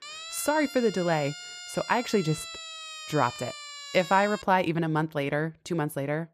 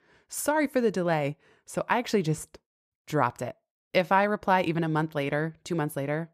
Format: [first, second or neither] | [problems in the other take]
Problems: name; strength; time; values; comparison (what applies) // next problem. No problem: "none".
second | siren; faint; until 4.5 s; peak 10 dB below the speech